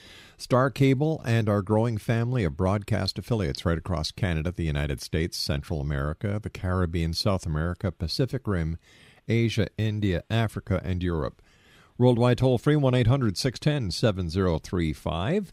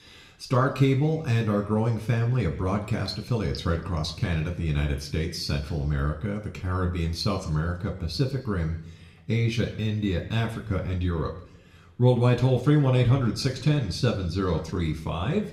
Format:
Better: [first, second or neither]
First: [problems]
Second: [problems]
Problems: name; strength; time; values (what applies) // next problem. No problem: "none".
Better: first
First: none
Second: room echo; slight; dies away in 0.7 s